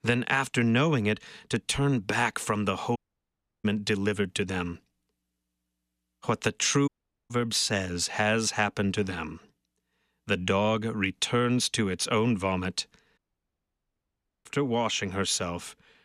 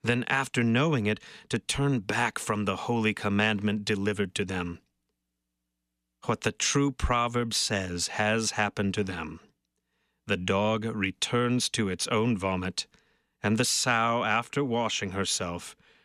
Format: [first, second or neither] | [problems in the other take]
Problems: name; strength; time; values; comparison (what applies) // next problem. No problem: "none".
second | audio cutting out; at 3 s for 0.5 s, at 7 s and at 13 s for 1.5 s